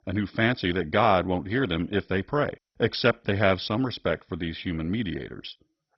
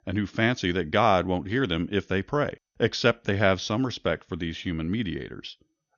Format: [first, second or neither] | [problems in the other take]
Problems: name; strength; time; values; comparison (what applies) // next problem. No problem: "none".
second | garbled, watery; badly; nothing above 5.5 kHz; slightly in the second